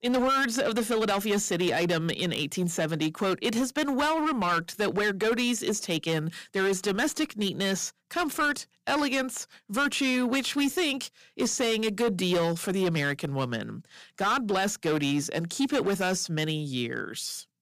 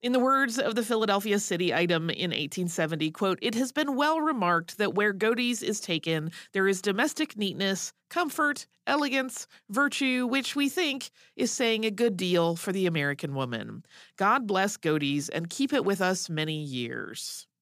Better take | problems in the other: second | distortion; slight; 11% of the sound clipped

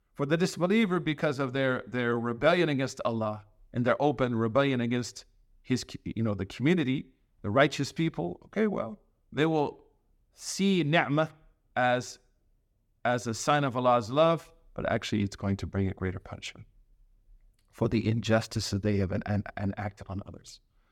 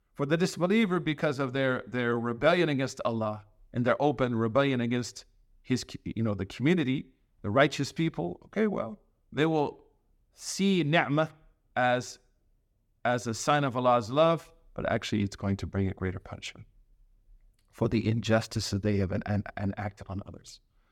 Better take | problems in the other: neither | none

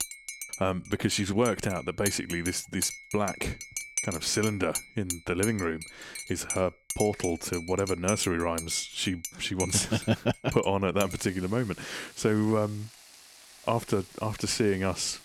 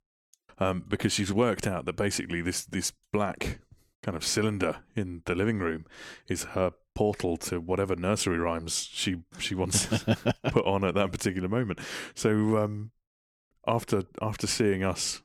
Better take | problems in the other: second | household noises; loud; throughout; 8 dB below the speech

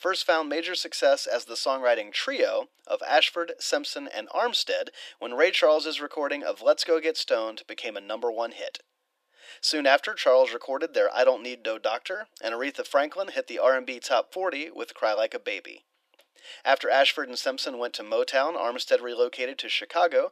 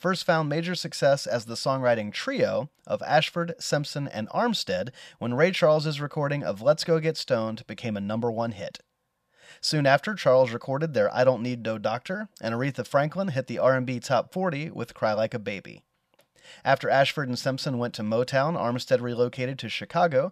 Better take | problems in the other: second | thin; somewhat; fading below 300 Hz

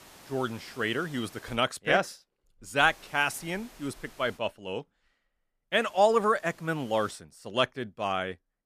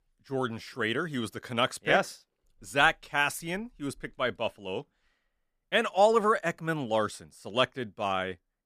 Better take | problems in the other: second | hiss; faint; until 1.5 s, from 3 to 4.5 s and from 5.5 to 7 s; 25 dB below the speech

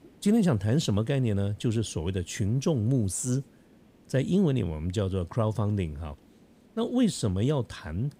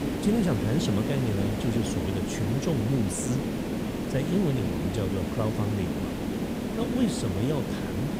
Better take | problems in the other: first | hiss; loud; throughout; 1 dB below the speech; faint in the first

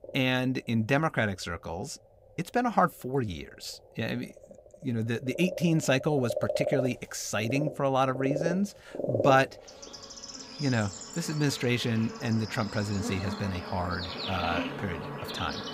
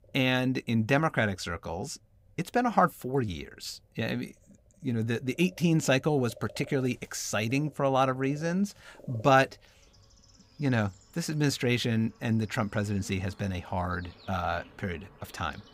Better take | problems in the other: second | animal sounds; loud; throughout; 6 dB below the speech; faint in the second

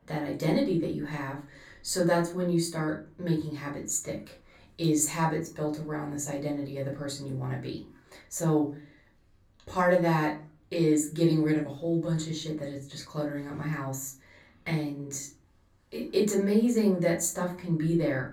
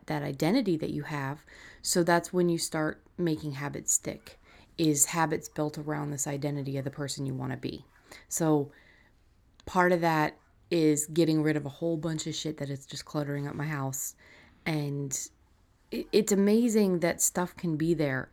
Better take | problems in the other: second | off-mic speech; far // room echo; very slight; dies away in 0.3 s

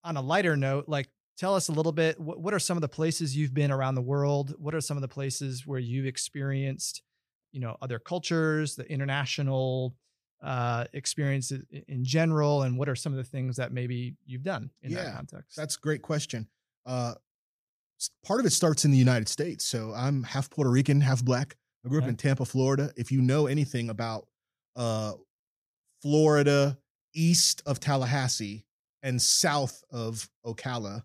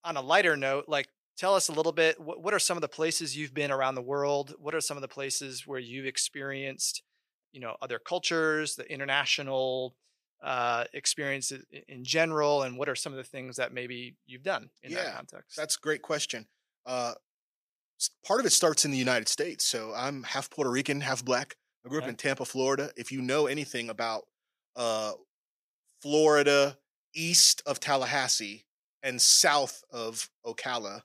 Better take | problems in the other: first | thin; somewhat; fading below 450 Hz

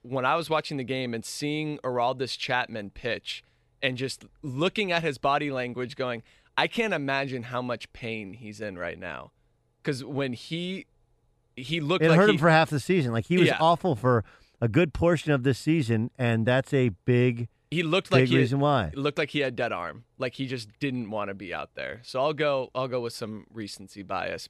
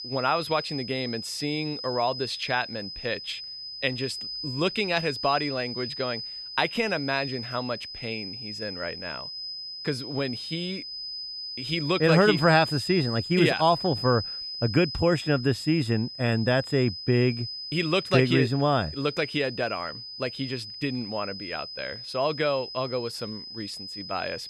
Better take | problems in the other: first | high-pitched whine; loud; throughout; 5 kHz, 8 dB below the speech

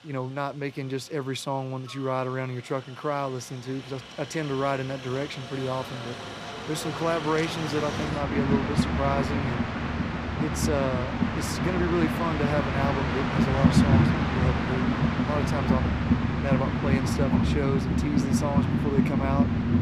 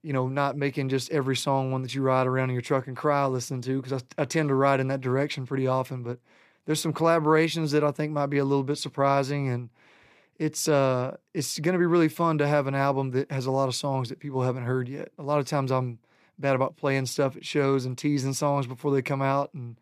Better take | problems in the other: second | train or aircraft noise; very loud; throughout; 4 dB above the speech

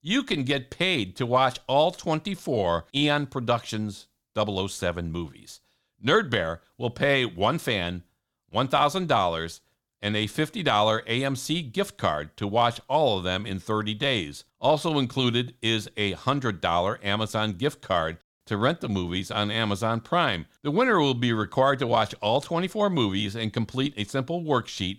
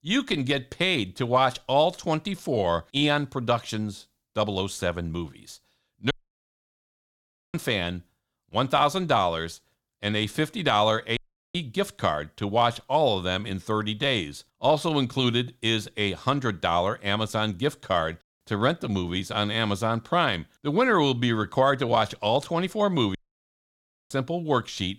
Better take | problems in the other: first | audio cutting out; at 6 s for 1.5 s, at 11 s and at 23 s for 1 s

